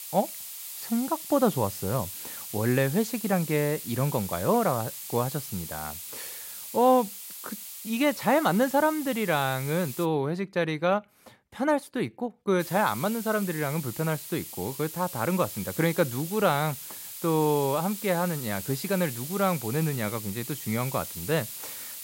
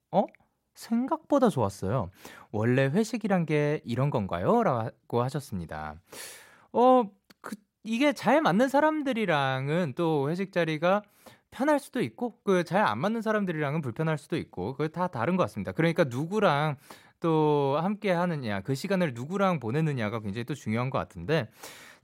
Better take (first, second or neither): second